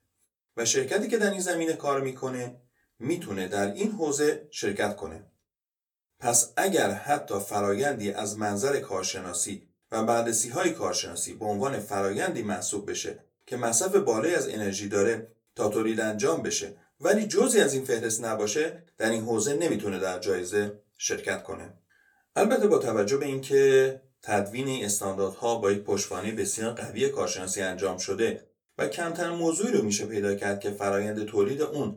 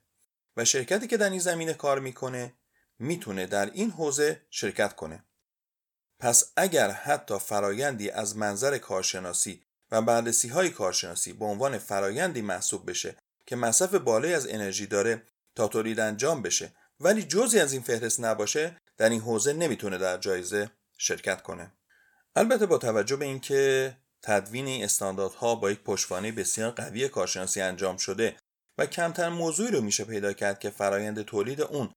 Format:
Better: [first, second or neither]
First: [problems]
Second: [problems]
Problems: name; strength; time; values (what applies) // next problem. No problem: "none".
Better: second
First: off-mic speech; somewhat distant // room echo; very slight; dies away in 0.2 s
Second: none